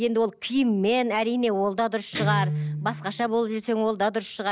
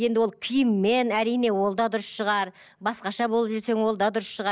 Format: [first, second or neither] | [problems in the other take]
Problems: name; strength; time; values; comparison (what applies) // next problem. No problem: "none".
second | background sound (Guitar); 9 dB below the speech